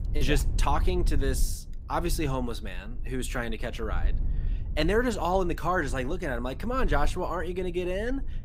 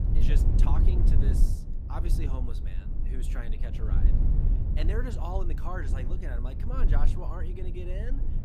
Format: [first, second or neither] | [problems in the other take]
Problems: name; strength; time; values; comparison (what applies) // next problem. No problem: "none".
first | low rumble; loud; throughout; 3 dB below the speech; faint in the first